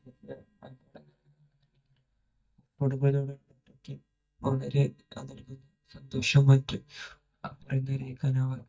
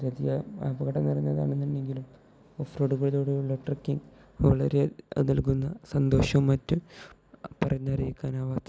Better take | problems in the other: second | noise reduction (neural mask model DeepFilterNet 3)

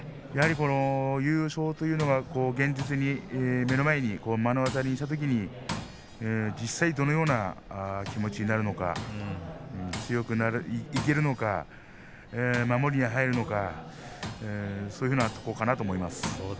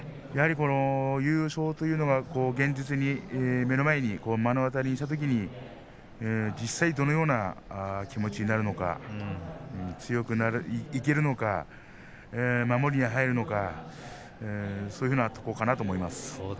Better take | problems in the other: second | background sound (Tools); 14 dB below the speech

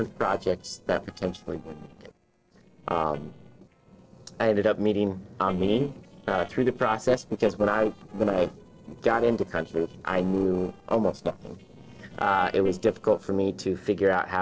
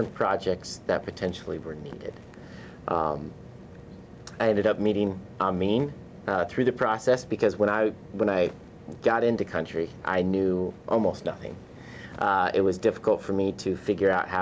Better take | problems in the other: second | noise reduction (neural separator model SepFormer DNS4)

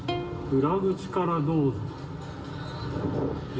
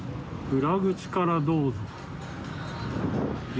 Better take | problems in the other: second | background sound (Plucked string instrument); 14 dB below the speech // room echo; dies away in 1.6 s

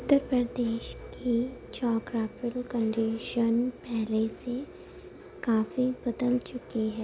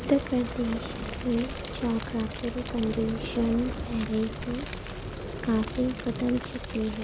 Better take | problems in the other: first | background sound (Fire); 6 dB below the speech

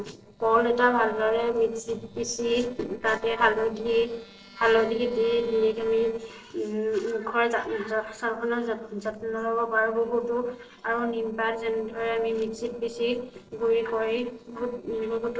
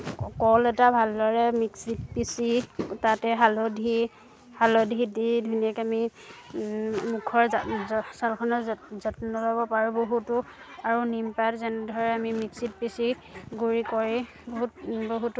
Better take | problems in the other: second | noise reduction (neural separator model SepFormer DNS4)

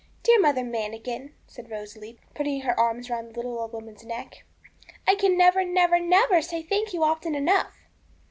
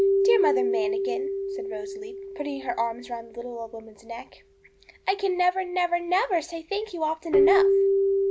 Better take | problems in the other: first | background sound (Keyboard (musical)); 2 dB above the speech

